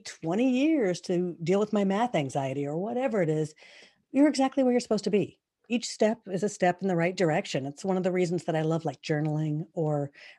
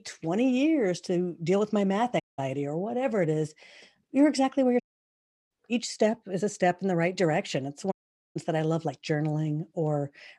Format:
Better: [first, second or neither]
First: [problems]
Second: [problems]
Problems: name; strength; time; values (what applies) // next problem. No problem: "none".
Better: first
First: none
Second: audio cutting out; at 2 s, at 5 s for 0.5 s and at 8 s